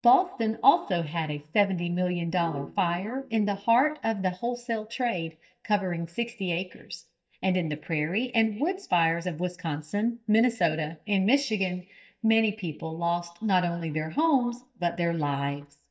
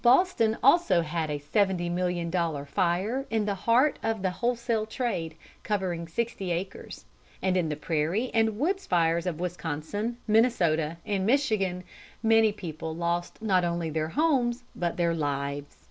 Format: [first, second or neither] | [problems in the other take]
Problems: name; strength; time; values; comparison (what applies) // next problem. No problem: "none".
second | noise reduction (neural mask model DeepFilterNet 3)